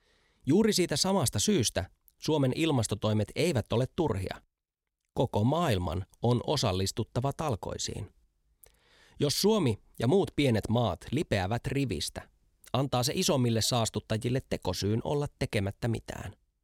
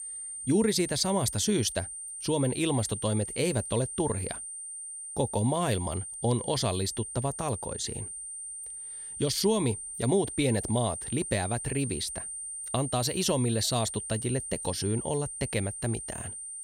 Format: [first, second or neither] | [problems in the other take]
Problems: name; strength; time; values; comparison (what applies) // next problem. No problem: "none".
first | high-pitched whine; loud; throughout; 9 kHz, 6 dB below the speech